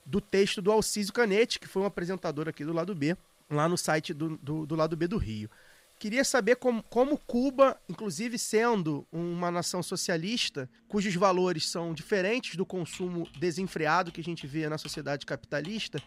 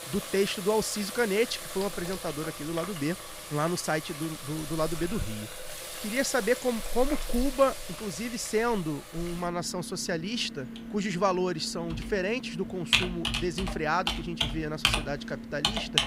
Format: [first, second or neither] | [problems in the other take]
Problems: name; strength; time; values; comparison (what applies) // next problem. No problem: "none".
first | household noises; loud; throughout; 4 dB below the speech; faint in the first